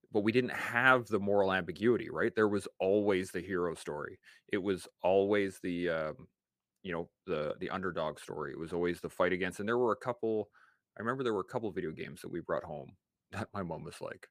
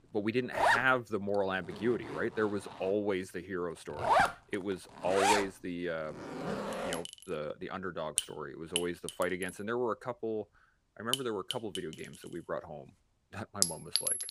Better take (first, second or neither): first